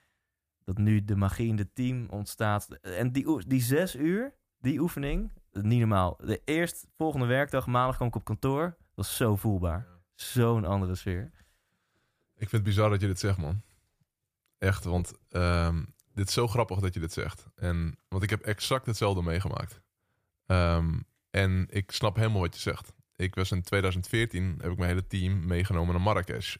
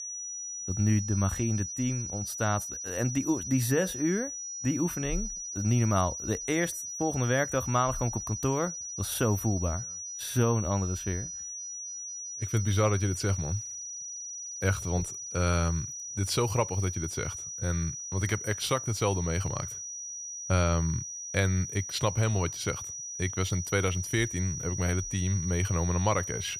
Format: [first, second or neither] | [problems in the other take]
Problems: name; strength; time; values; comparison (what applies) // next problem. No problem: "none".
first | high-pitched whine; loud; throughout; 6 kHz, 6 dB below the speech